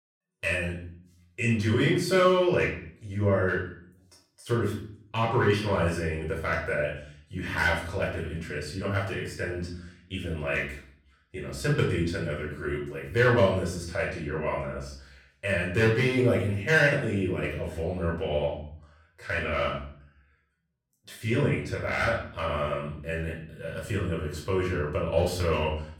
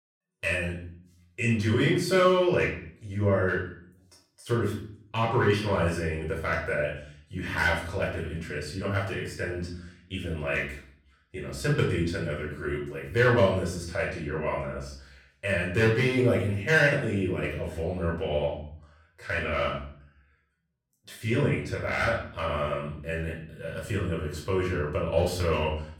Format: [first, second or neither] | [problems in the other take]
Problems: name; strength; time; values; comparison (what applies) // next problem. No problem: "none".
neither | off-mic speech; far; the same in both // room echo; noticeable; dies away in 0.5 s; the same in both